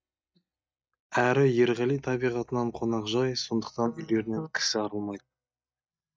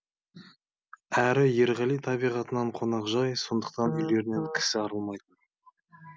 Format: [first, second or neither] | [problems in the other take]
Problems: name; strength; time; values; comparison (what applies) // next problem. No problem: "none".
second | noise reduction (neural mask model DeepFilterNet 3)